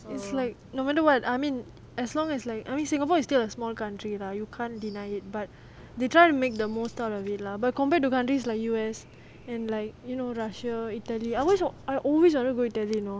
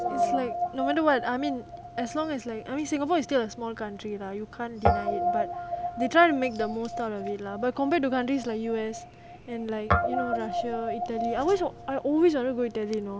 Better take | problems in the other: first | background sound (Guitar); 4 dB below the speech

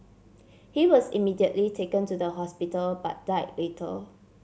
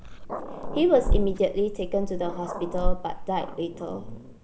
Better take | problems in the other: first | background sound (Growling); as loud as the speech

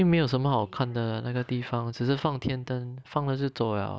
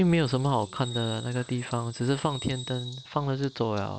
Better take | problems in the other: first | background sound (Bird vocalization, bird call, bird song); 16 dB below the speech

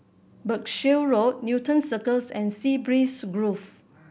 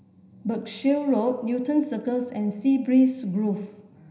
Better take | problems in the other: first | room echo; dies away in 0.9 s

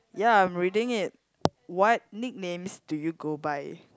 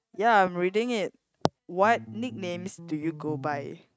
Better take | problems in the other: first | noise reduction (neural mask model RNNoise)

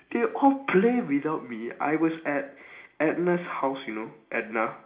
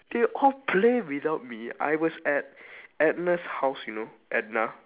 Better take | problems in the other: second | room echo; dies away in 0.4 s

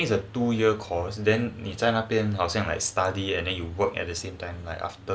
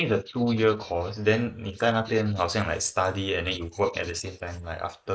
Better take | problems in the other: first | noise reduction (neural mask model Resemble Enhance denoiser)

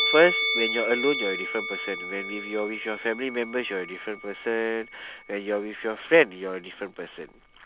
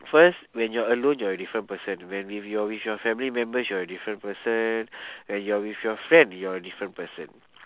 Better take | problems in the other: second | background sound (Musical instrument); 5 dB below the speech

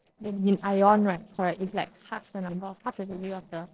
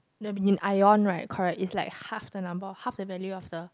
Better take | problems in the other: second | noise reduction (neural separator model SepFormer DNS4)

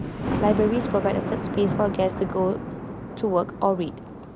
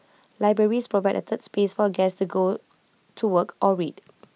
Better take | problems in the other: second | background sound (Thunder); 4 dB below the speech

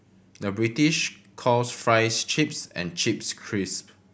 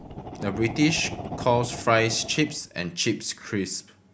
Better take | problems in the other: first | background sound (Fire); 12 dB below the speech

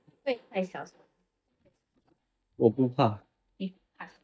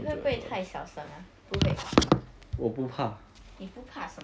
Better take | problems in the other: second | noise reduction (neural mask model DeepFilterNet 3)

